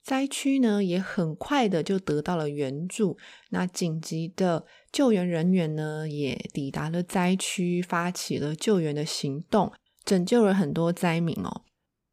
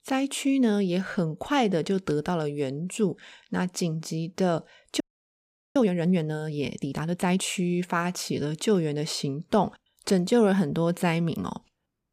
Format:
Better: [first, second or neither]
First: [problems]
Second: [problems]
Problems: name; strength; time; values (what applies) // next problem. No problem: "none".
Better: first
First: none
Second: audio freezing; at 5 s for 1 s